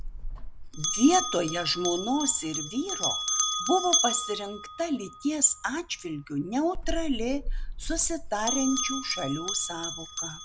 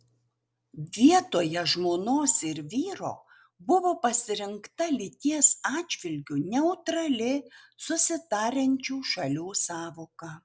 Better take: second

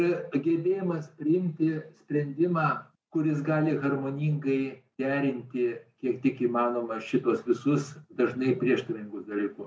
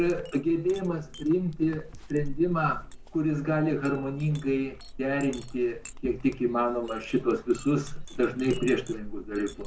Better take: first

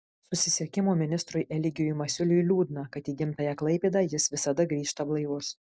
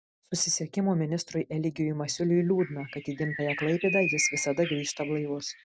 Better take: first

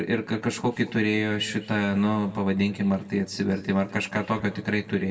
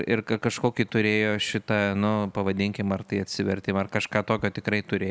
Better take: second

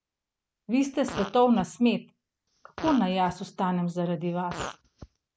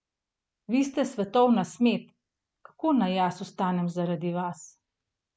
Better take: second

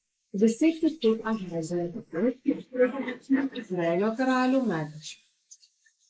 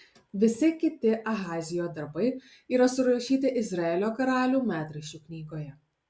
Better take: second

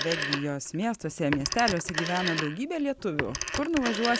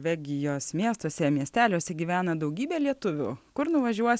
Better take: second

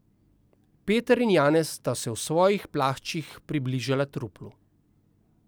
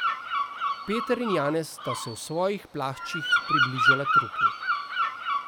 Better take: first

